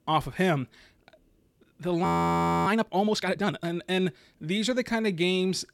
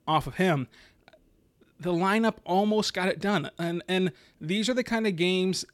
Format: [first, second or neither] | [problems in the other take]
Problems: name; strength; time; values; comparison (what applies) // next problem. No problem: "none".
second | audio freezing; at 2 s for 0.5 s